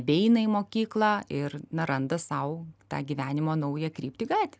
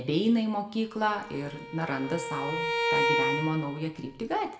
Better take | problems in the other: first | background sound (Bowed string instrument); 1 dB below the speech // room echo; dies away in 0.6 s

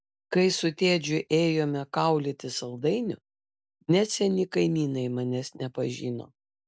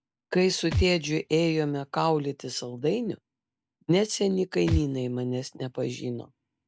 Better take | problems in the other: first | background sound (Thump, thud); 10 dB below the speech

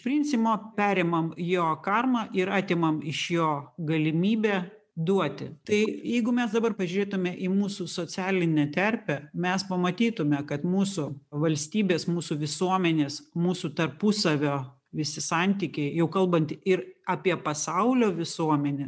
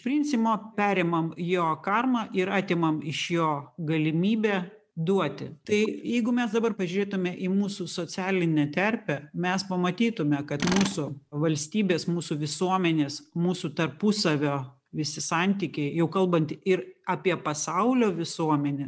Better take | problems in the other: first | background sound (Tools); 12 dB below the speech

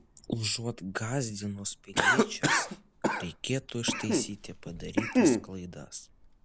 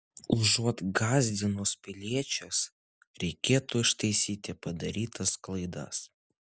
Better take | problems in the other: second | background sound (Cough); 5 dB above the speech

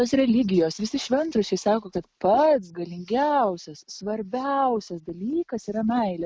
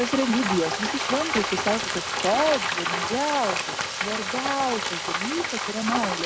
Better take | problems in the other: first | background sound (Frying (food)); 1 dB below the speech

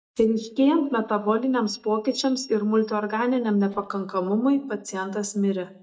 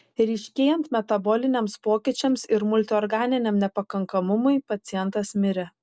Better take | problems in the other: second | noise reduction (neural mask model DeepFilterNet 3)

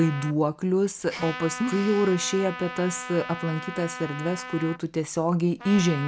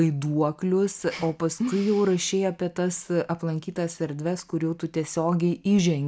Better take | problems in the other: second | background sound (Trumpet); 12 dB below the speech

